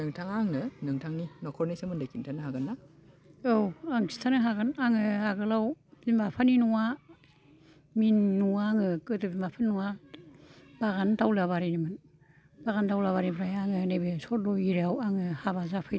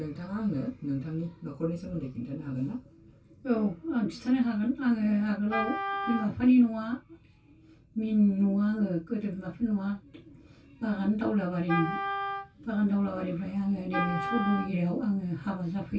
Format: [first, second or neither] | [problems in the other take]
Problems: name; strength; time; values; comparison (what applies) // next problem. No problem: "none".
first | background sound (Wind instrument, woodwind instrument); 6 dB below the speech // room echo; dies away in 0.2 s